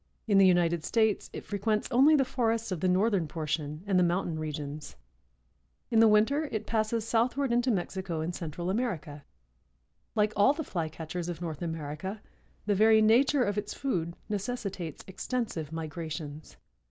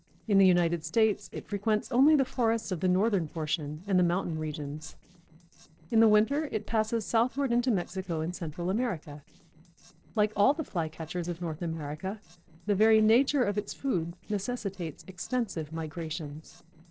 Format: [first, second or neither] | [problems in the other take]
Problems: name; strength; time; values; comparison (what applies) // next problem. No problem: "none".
first | noise reduction (neural separator model SepFormer DNS4)